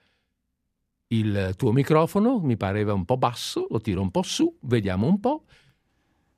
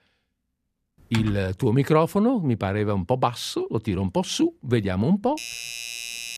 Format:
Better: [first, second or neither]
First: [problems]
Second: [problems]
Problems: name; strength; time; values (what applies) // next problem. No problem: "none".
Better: first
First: none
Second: keyboard typing; noticeable; at 1 s; peak 9 dB below the speech // doorbell; noticeable; from 5.5 s on; peak 7 dB below the speech